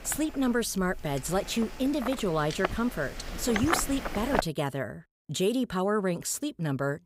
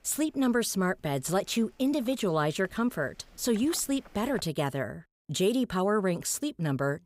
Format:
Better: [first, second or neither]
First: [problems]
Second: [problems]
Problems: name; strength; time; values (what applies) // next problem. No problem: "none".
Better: second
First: wind noise on the microphone; heavy; until 4.5 s; 3 dB below the speech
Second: wind noise on the microphone; occasional gusts; until 4.5 s; 20 dB below the speech